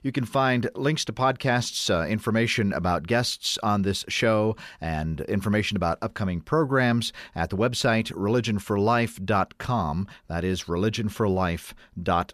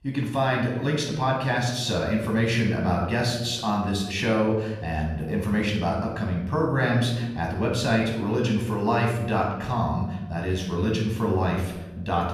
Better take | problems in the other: first | off-mic speech; somewhat distant // room echo; noticeable; dies away in 1 s

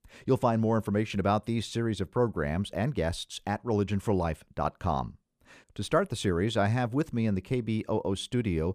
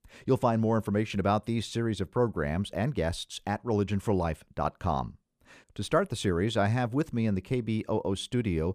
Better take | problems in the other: neither | none

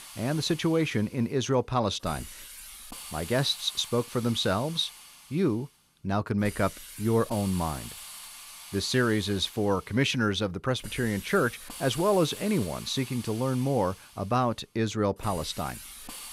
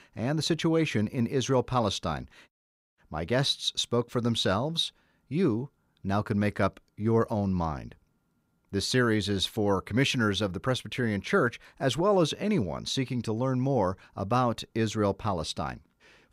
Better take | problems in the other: second | hiss; noticeable; throughout; 15 dB below the speech

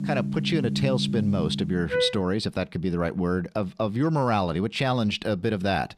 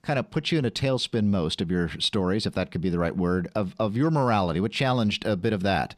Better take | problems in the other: second | background music; loud; until 1.5 s; 3 dB below the speech

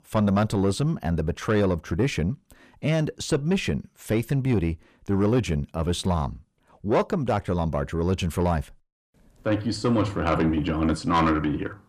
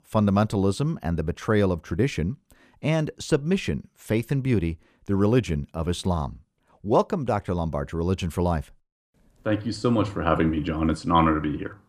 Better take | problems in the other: second | distortion; slight; 10 dB below the speech

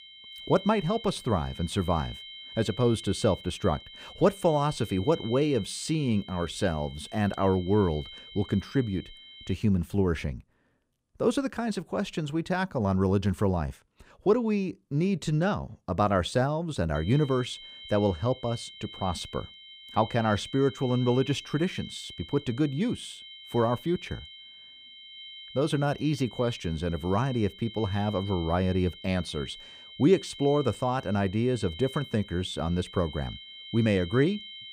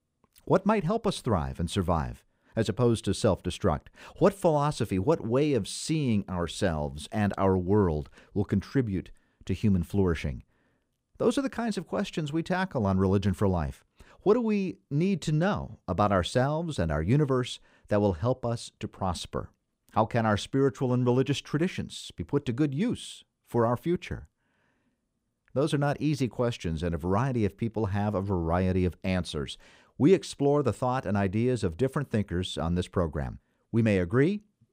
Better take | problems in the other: second | high-pitched whine; noticeable; until 9.5 s and from 17 s on; 3 kHz, 15 dB below the speech

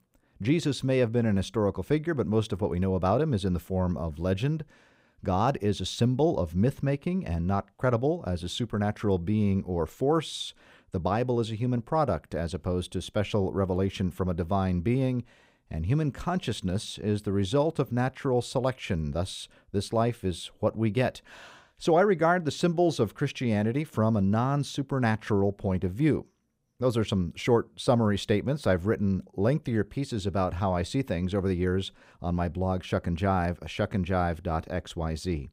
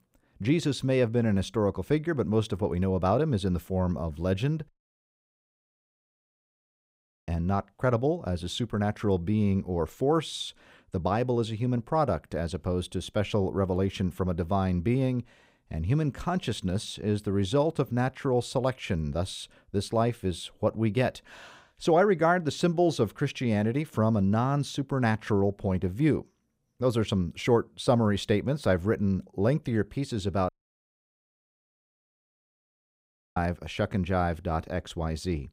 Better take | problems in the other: first | audio cutting out; at 4.5 s for 2.5 s and at 30 s for 3 s

